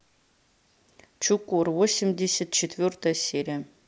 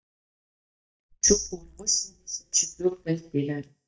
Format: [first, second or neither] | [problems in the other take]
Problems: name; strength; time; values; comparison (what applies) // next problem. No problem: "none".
first | noise reduction (neural mask model DeepFilterNet 3)